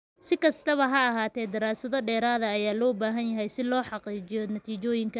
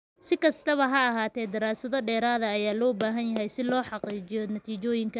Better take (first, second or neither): first